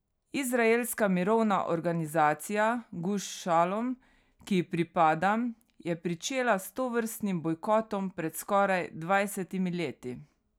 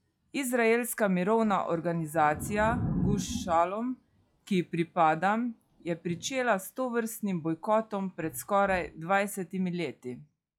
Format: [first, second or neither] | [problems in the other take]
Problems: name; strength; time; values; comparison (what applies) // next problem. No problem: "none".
first | noise reduction (classical method log-MMSE)